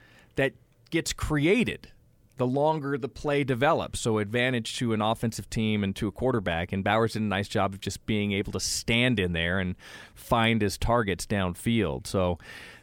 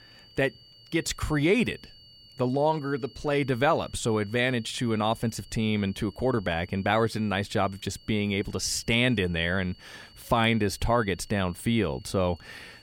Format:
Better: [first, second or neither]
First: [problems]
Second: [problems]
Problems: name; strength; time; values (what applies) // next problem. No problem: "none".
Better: first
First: none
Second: high-pitched whine; faint; throughout; 4.5 kHz, 25 dB below the speech